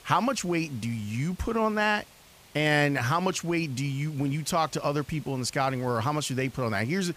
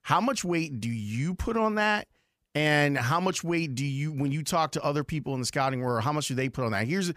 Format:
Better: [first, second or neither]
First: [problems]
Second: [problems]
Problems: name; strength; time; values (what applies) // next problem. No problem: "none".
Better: second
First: hiss; faint; throughout; 25 dB below the speech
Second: none